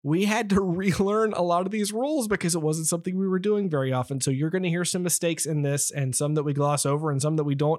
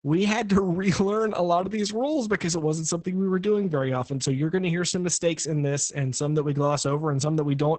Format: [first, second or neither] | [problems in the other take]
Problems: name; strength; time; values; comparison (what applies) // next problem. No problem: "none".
first | garbled, watery; badly; nothing above 8 kHz